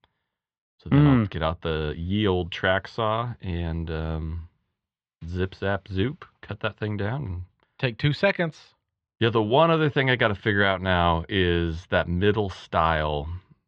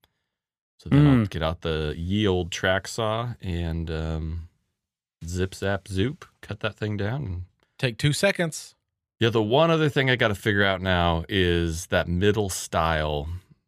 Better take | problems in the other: second | muffled; slightly; fading above 4 kHz

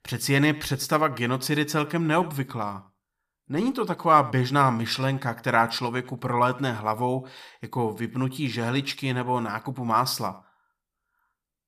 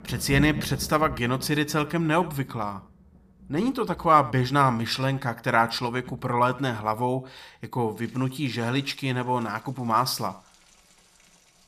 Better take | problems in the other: first | rain or running water; noticeable; throughout; 15 dB below the speech

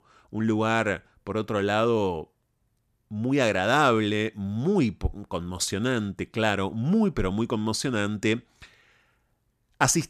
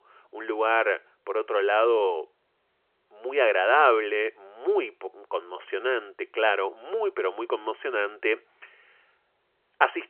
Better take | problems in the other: first | phone-call audio

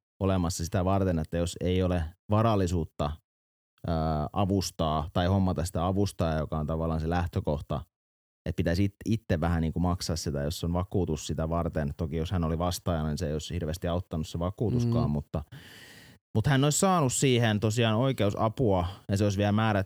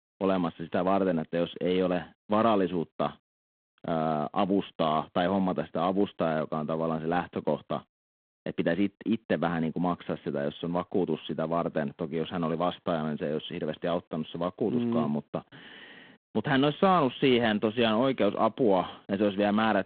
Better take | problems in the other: first | phone-call audio; poor line

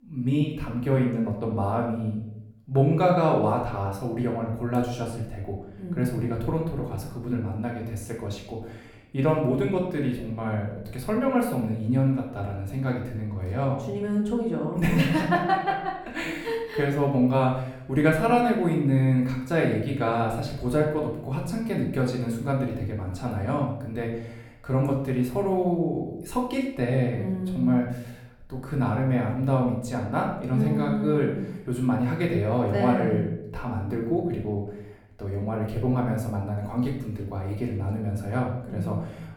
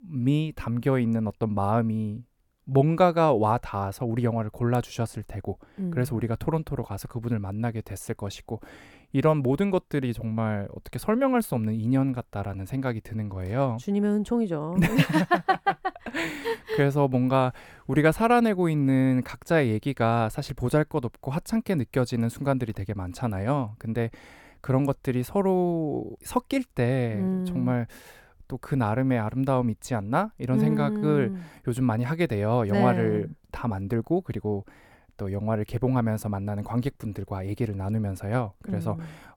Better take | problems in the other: second | room echo; noticeable; dies away in 0.6 s // off-mic speech; far

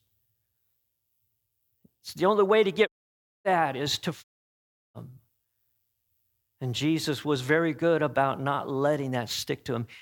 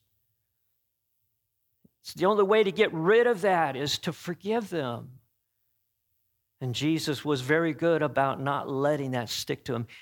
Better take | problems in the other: second | audio cutting out; at 3 s for 0.5 s and at 4 s for 0.5 s

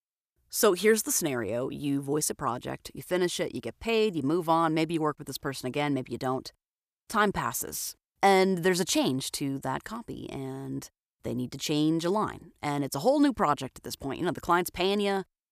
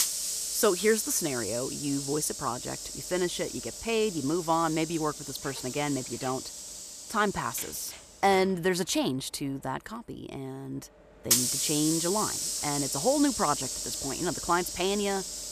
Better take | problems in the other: first | hiss; loud; throughout; 2 dB below the speech

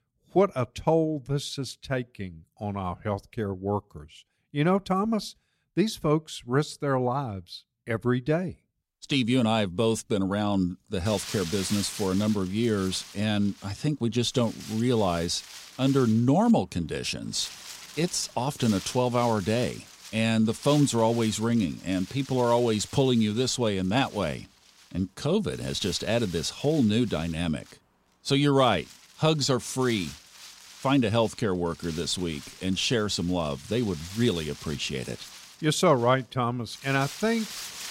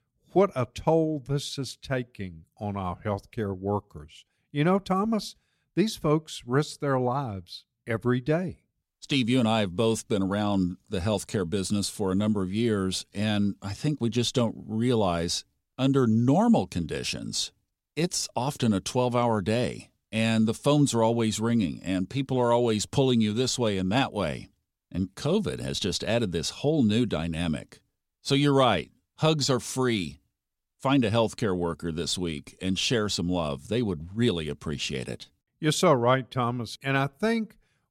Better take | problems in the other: second | wind noise on the microphone; occasional gusts; from 11 s on; 15 dB below the speech

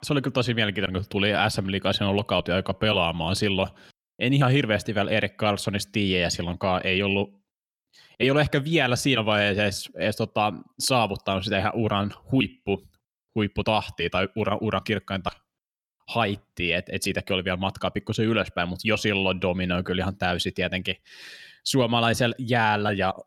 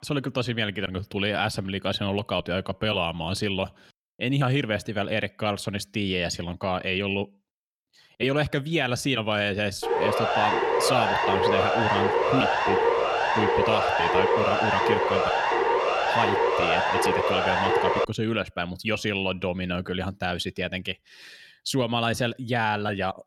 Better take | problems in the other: first | siren; loud; from 10 to 18 s; peak 6 dB above the speech

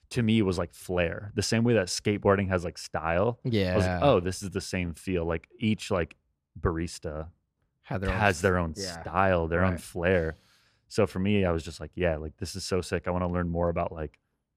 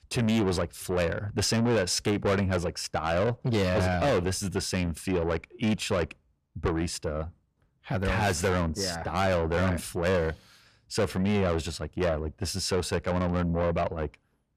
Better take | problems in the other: first | distortion; heavy; 6 dB below the speech

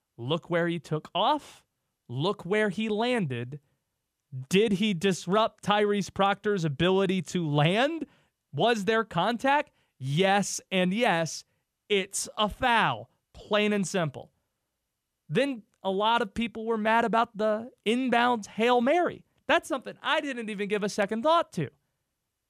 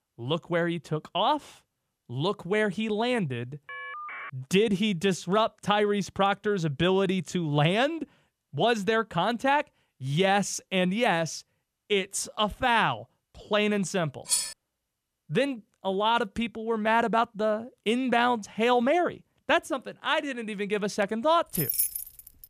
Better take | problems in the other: first | phone ringing; faint; at 3.5 s; peak 10 dB below the speech // clattering dishes; loud; at 14 s; peak level with the speech // jangling keys; loud; at 22 s; peak 1 dB above the speech

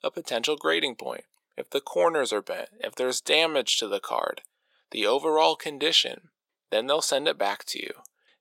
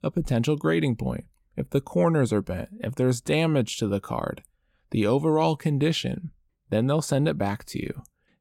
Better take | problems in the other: second | thin; very; fading below 500 Hz

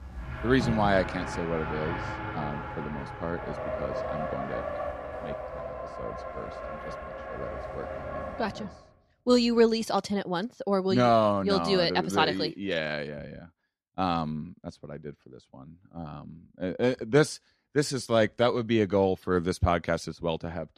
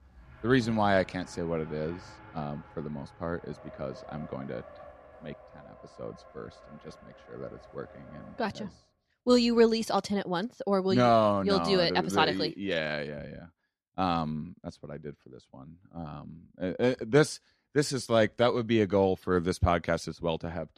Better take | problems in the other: second | traffic noise; loud; until 9 s; 8 dB below the speech; faint in the second

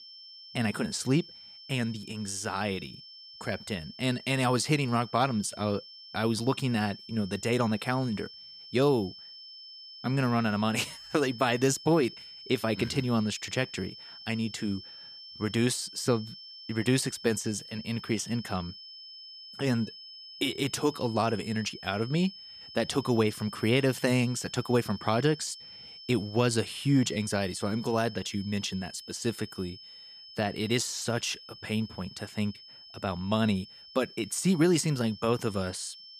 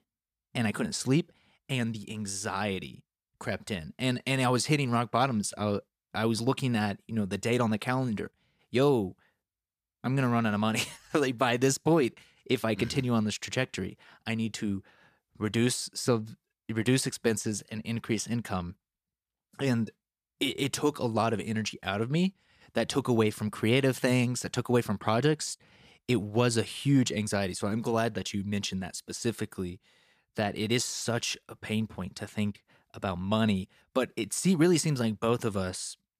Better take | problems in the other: second | high-pitched whine; noticeable; throughout; 5.5 kHz, 15 dB below the speech

